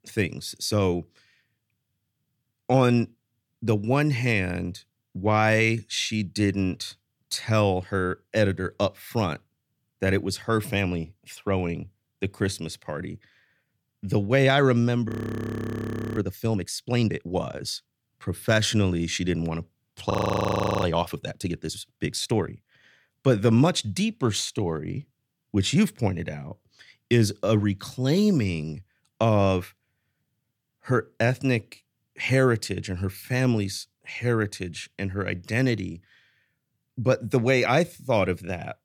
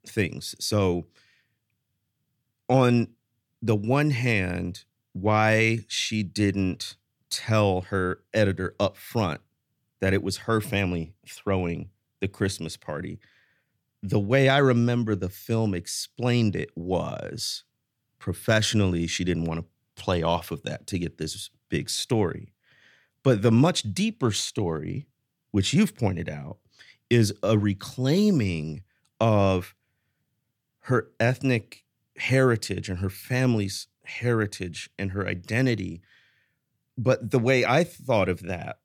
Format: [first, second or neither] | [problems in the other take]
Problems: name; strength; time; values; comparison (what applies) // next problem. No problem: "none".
second | audio freezing; at 15 s for 1 s and at 20 s for 0.5 s